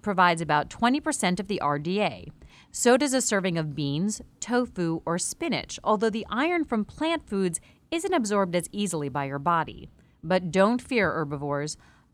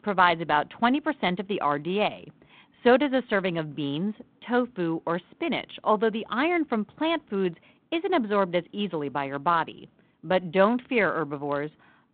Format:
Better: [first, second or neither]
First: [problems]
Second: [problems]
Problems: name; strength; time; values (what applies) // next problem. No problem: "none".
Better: first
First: none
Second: phone-call audio; nothing above 3.5 kHz